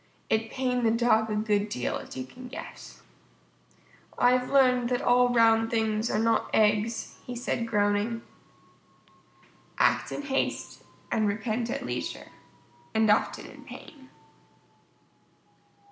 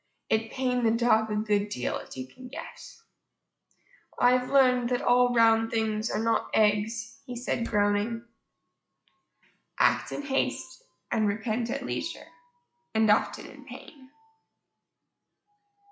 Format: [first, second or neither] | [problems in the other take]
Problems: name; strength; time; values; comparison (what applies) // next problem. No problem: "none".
first | noise reduction (classical method log-MMSE)